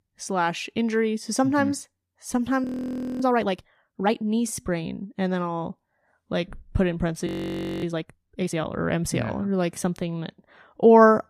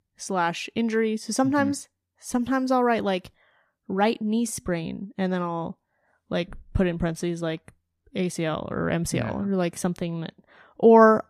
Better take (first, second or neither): second